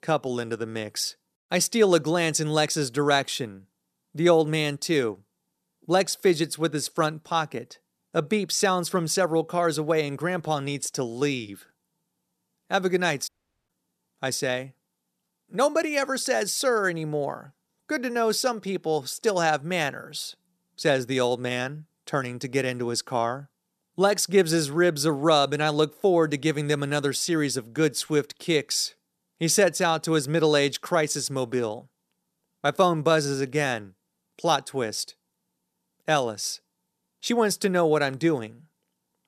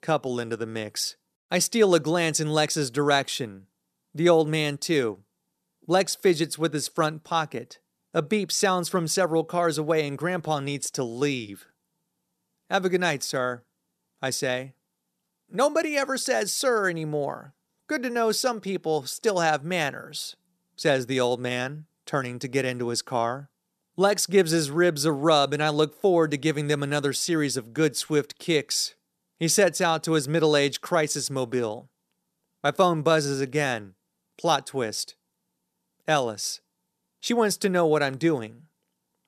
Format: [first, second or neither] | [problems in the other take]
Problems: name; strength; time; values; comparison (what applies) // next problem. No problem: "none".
second | audio cutting out; at 13 s